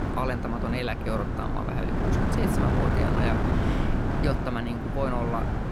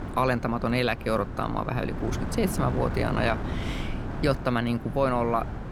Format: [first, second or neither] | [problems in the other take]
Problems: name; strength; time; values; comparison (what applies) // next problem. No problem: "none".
second | wind noise on the microphone; heavy; as loud as the speech; occasional gusts in the second